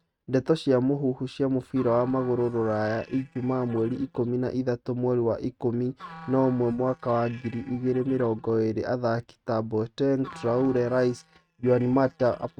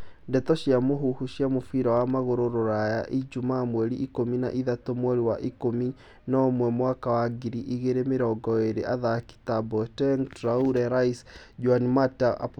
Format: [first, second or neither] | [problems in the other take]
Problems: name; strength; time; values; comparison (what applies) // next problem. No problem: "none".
second | noise reduction (neural mask model RNNoise)